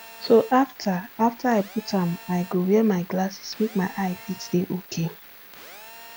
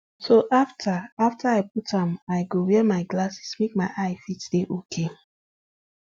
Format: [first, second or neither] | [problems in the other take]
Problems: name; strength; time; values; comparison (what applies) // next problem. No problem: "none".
second | background sound (Telephone); 20 dB below the speech